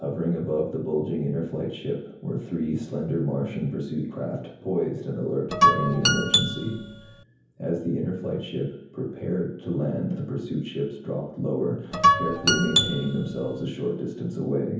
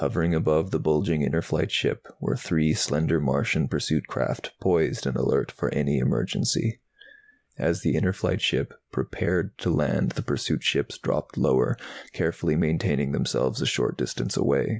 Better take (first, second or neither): second